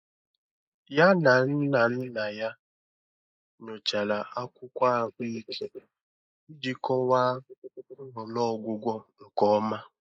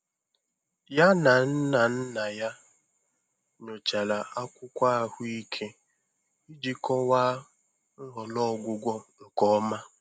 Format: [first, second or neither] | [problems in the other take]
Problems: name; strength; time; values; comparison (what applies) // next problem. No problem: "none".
second | noise reduction (neural mask model Resemble Enhance denoiser)